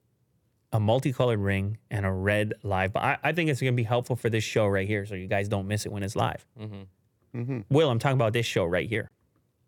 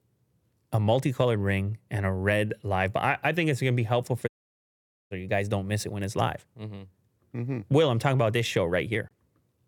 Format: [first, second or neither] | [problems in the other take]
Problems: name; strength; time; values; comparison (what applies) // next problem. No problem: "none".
first | audio cutting out; at 4.5 s for 1 s